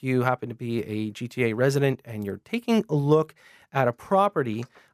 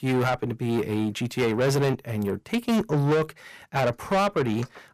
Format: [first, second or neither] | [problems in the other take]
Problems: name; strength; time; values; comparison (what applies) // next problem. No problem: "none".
first | distortion; heavy; 6 dB below the speech